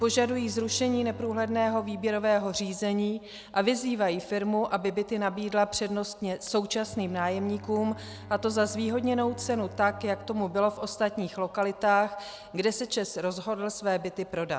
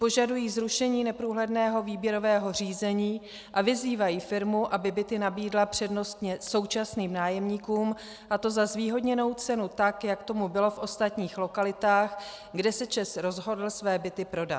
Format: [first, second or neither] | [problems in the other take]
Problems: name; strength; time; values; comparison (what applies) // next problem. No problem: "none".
second | background sound (Bowed string instrument); 19 dB below the speech